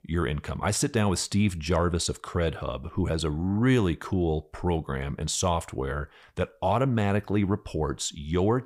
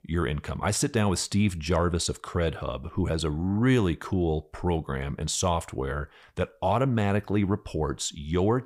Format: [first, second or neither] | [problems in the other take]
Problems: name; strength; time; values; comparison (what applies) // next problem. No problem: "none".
neither | none